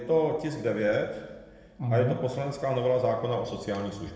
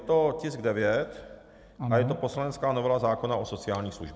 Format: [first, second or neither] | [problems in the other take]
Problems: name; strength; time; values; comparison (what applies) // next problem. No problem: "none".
second | room echo; dies away in 1 s